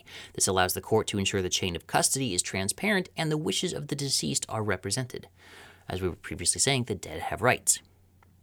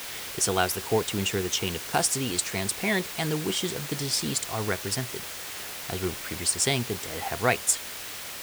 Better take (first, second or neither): first